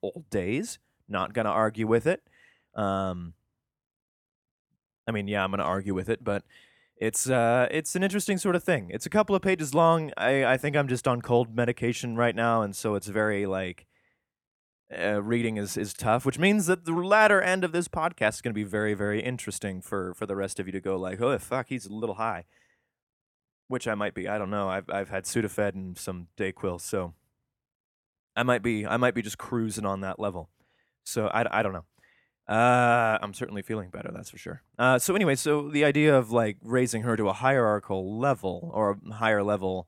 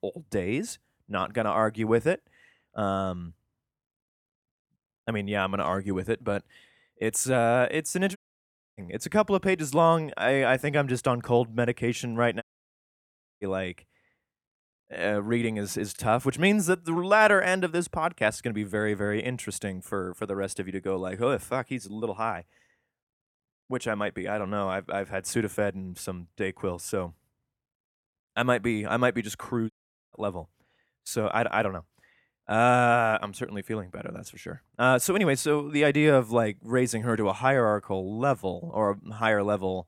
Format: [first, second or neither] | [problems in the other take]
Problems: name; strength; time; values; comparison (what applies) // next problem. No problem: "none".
first | audio cutting out; at 8 s for 0.5 s, at 12 s for 1 s and at 30 s